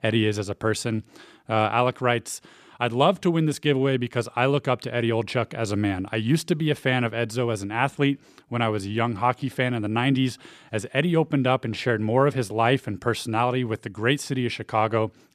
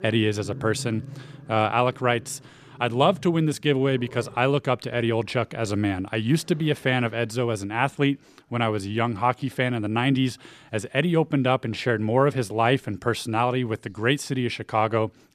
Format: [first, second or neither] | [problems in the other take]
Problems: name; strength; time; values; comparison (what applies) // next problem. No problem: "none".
first | animal sounds; noticeable; throughout; 20 dB below the speech